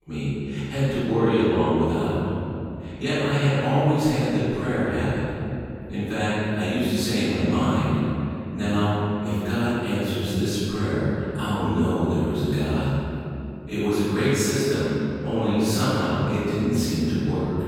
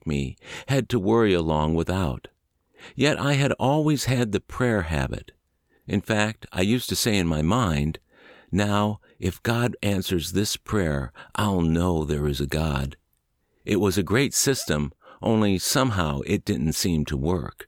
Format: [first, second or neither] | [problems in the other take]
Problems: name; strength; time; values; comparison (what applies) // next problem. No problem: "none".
second | off-mic speech; far // room echo; strong; dies away in 2.8 s